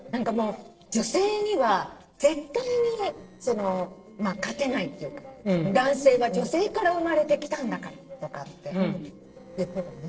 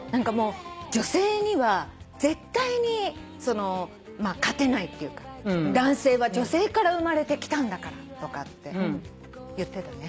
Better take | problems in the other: second | noise reduction (neural separator model SepFormer DNS4)

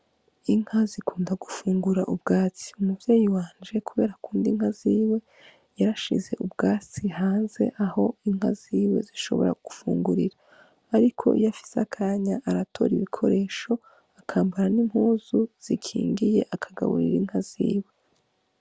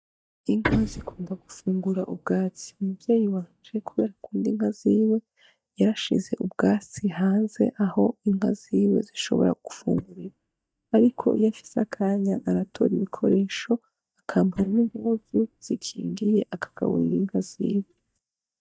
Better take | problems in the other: first | noise reduction (neural mask model DeepFilterNet 3)

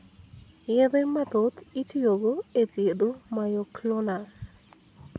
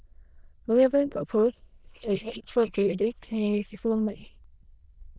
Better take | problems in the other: first | noise reduction (neural diffusion model UNIVERSE++)

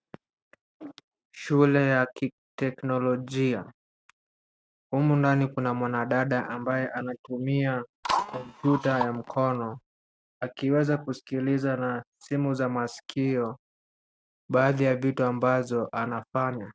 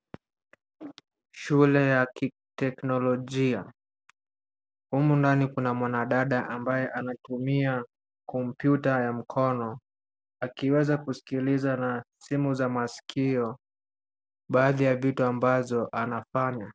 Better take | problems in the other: second | noise reduction (neural mask model RNNoise)

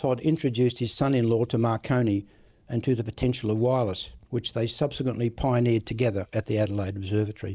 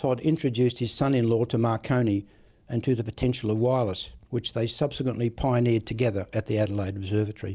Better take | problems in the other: second | noise reduction (neural mask model Resemble Enhance denoiser)

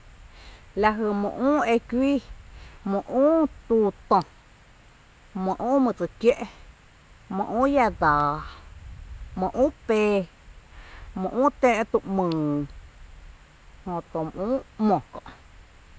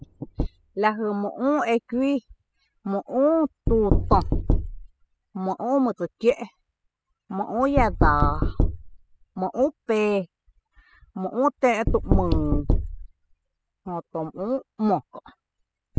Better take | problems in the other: first | noise reduction (classical method spectral subtraction)

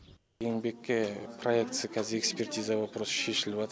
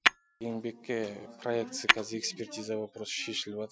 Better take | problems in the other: first | noise reduction (classical method Wiener filter)

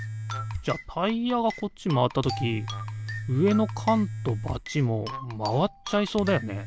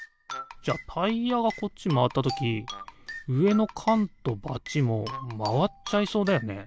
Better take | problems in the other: second | background sound (Domestic sounds, home sounds); 10 dB below the speech

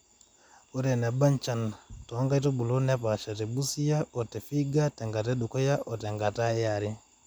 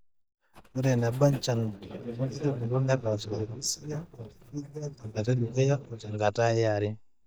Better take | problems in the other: first | noise reduction (neural mask model DeepFilterNet 3)

